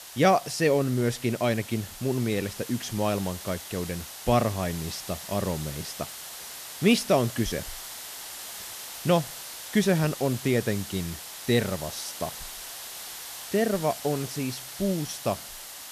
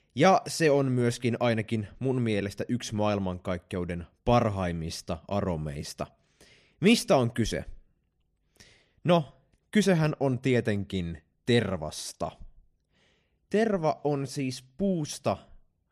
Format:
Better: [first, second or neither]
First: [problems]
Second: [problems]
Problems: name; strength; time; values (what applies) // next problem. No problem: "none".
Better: second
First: hiss; noticeable; throughout; 10 dB below the speech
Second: none